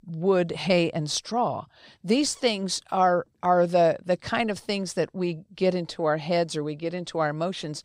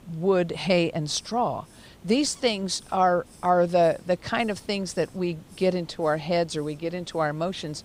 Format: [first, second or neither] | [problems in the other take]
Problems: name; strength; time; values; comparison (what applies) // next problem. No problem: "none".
first | hiss; faint; throughout; 25 dB below the speech